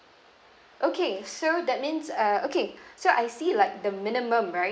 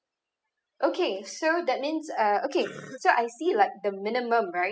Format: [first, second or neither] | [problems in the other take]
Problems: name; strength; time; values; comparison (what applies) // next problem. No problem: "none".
first | noise reduction (classical method spectral subtraction)